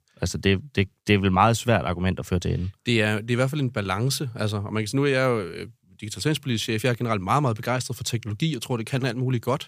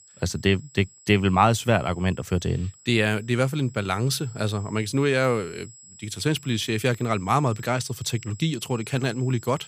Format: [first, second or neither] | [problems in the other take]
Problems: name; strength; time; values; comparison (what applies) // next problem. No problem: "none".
first | high-pitched whine; faint; throughout; 7.5 kHz, 20 dB below the speech